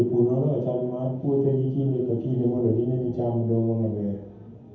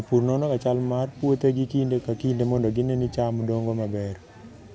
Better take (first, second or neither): second